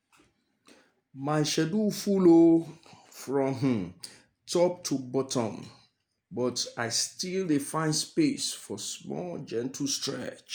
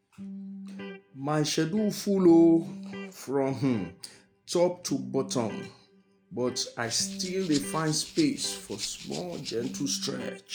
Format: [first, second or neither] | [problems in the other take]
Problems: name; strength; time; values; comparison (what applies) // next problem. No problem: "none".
first | background sound (Electric guitar + Rattle (instrument)); 13 dB below the speech